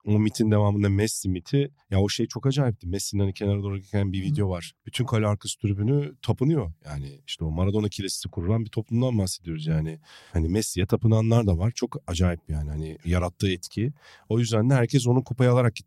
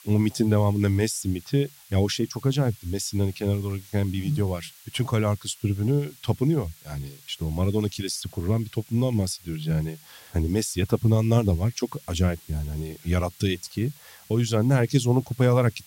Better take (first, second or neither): first